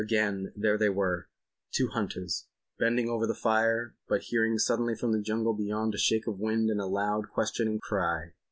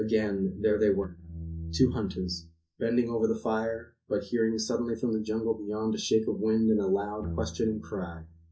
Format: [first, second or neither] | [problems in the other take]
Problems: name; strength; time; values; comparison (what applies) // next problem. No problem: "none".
first | noise reduction (neural mask model DeepFilterNet 3)